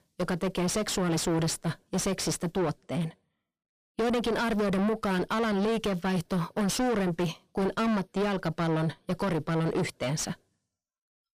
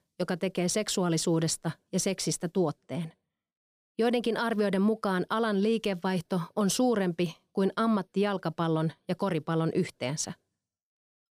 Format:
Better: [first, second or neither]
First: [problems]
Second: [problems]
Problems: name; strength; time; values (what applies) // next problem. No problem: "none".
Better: second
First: distortion; heavy; 5 dB below the speech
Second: none